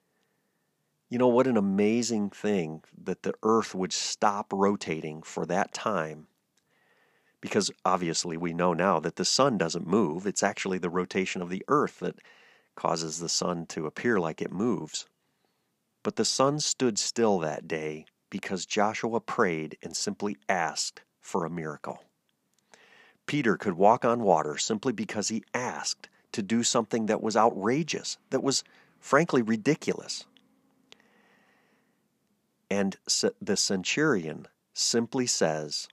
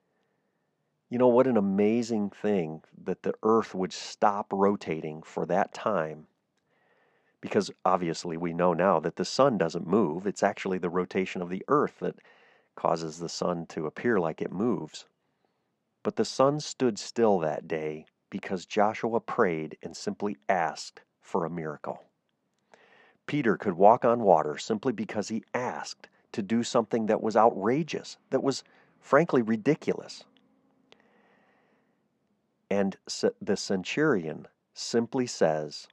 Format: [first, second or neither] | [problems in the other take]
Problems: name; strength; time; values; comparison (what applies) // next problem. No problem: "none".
first | muffled; slightly; fading above 2 kHz